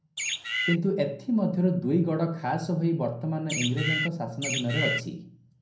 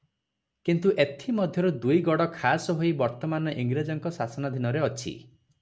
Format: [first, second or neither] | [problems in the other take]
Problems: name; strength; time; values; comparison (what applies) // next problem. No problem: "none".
second | background sound (Bird); 2 dB below the speech // room echo; dies away in 0.6 s